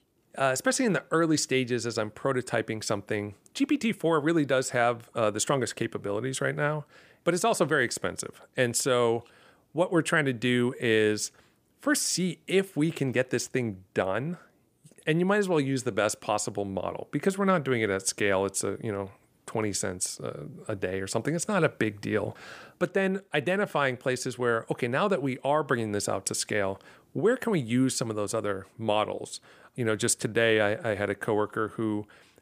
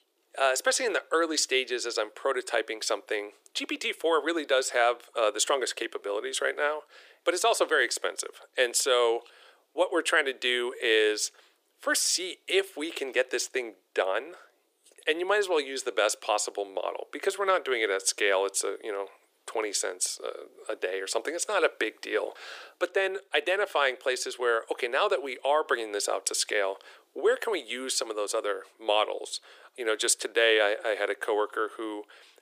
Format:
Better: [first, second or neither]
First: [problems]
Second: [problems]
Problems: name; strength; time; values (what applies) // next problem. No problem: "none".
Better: first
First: none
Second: thin; very; fading below 350 Hz